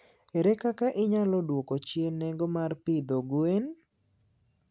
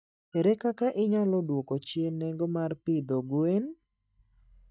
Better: first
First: none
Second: noise reduction (neural mask model DeepFilterNet 3)

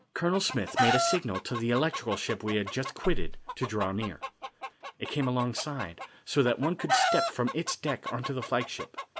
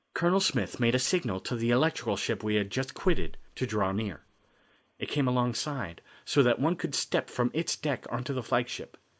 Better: second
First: background sound (Chicken, rooster); 4 dB below the speech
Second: none

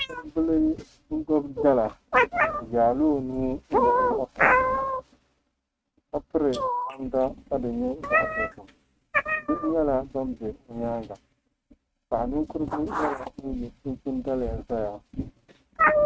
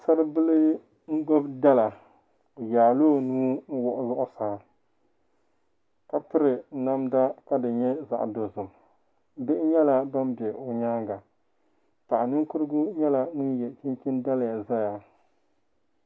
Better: second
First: noise reduction (neural mask model RNNoise)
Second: none

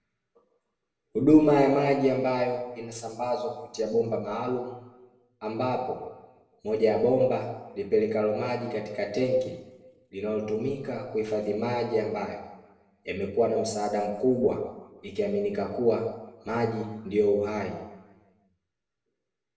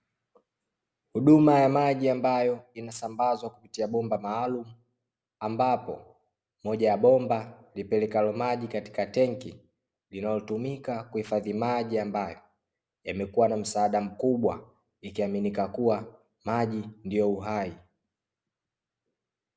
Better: second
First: room echo; dies away in 0.9 s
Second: none

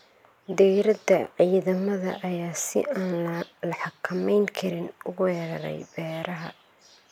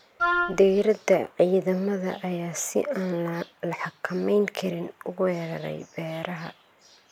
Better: first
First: none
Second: background sound (Wind instrument, woodwind instrument); 1 dB below the speech

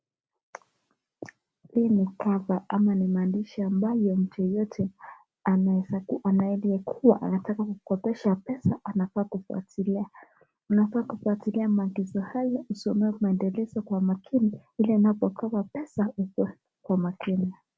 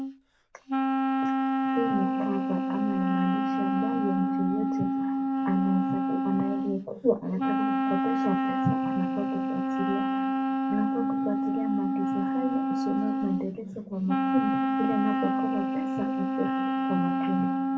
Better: first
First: none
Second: background sound (Wind instrument, woodwind instrument); 4 dB above the speech // room echo; dies away in 1.3 s

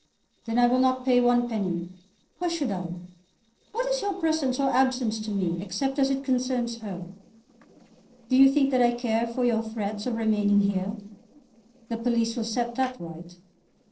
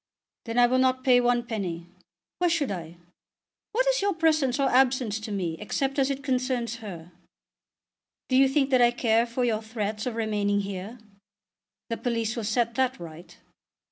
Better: second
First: noise reduction (neural separator model SepFormer DNS4)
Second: none

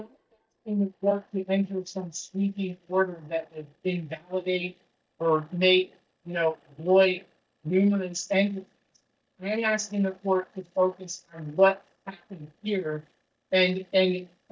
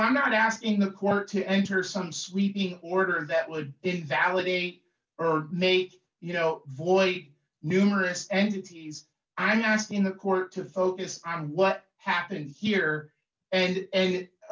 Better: second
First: noise reduction (neural mask model DeepFilterNet 3)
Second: none

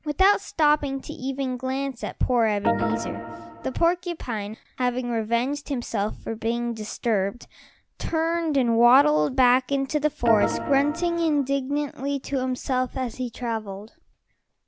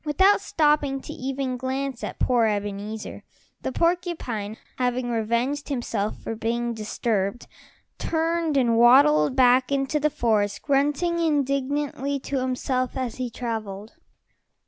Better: second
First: background sound (Organ); 4 dB below the speech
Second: none

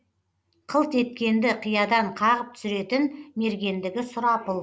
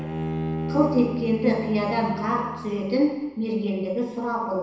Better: first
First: none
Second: background sound (Bowed string instrument); 8 dB below the speech // room echo; dies away in 1 s

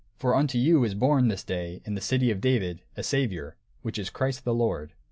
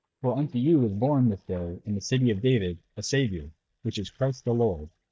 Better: first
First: none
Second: noise reduction (neural mask model DeepFilterNet 3)

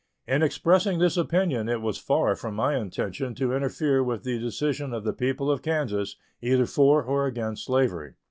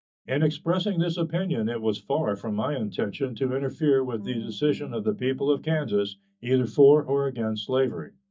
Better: first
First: none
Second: noise reduction (neural mask model DeepFilterNet 3)

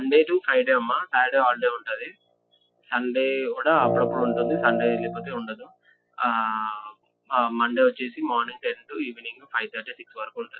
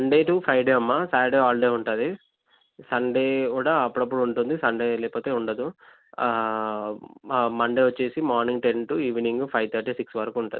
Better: second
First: noise reduction (classical method Wiener filter)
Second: none

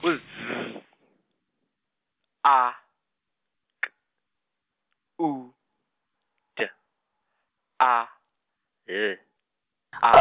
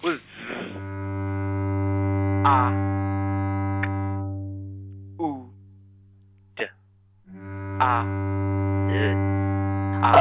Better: first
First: none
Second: background sound (Bowed string instrument); 3 dB above the speech

